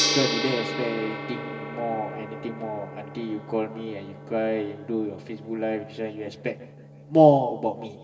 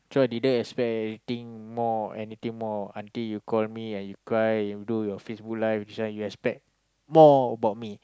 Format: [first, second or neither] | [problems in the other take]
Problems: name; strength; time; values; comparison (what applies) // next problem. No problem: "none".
second | background sound (Gong); 7 dB below the speech // room echo; dies away in 1.3 s